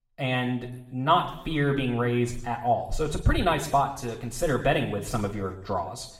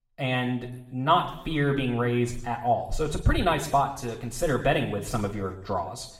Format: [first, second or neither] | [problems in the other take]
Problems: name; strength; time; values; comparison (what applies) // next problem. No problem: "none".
neither | room echo; slight; dies away in 0.7 s; the same in both // off-mic speech; somewhat distant; the same in both